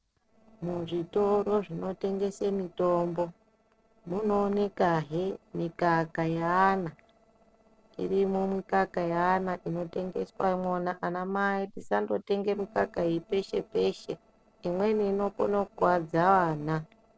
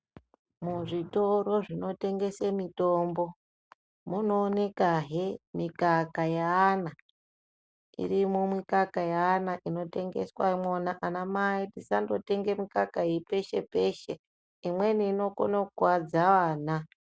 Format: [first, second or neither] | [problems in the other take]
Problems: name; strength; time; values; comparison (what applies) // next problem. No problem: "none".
second | noise reduction (neural separator model SepFormer DNS4)